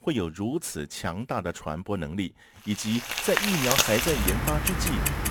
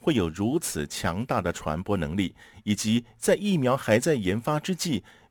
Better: second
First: household noises; very loud; from 3 s on; 4 dB above the speech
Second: none

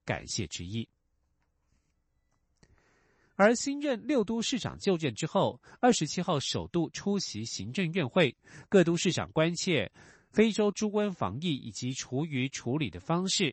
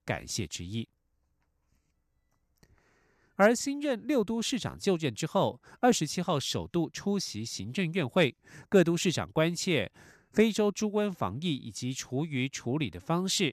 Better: second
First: garbled, watery; slightly; nothing above 8 kHz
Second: none

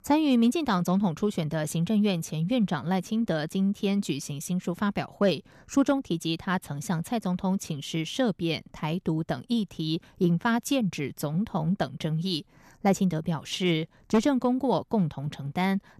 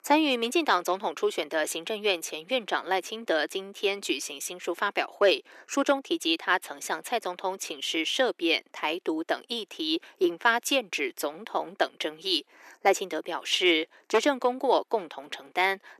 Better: first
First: none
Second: thin; very; fading below 350 Hz

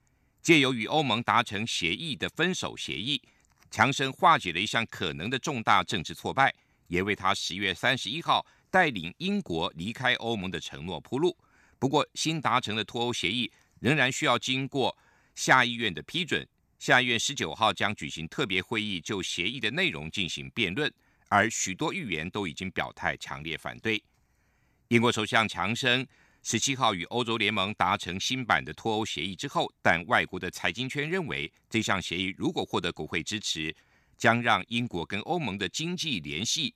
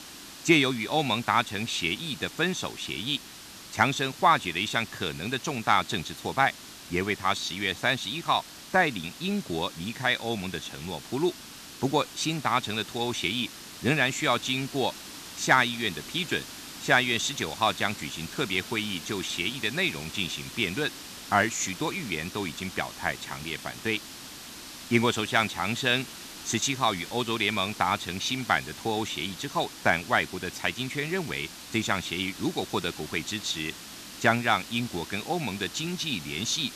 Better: first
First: none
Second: hiss; noticeable; throughout; 15 dB below the speech

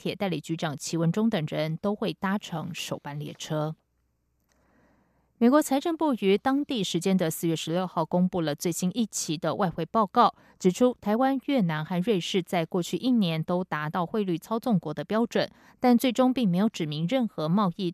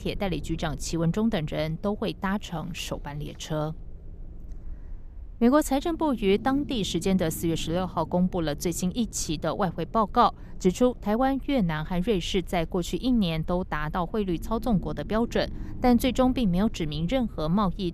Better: first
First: none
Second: low rumble; faint; throughout; 25 dB below the speech

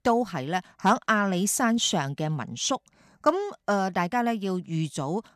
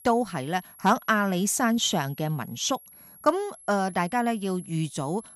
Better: first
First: none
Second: high-pitched whine; faint; throughout; 11.5 kHz, 20 dB below the speech

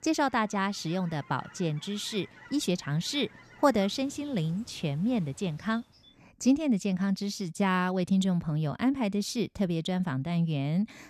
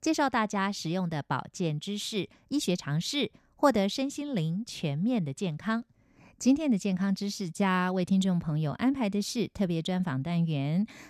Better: second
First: animal sounds; faint; until 6 s; 25 dB below the speech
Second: none

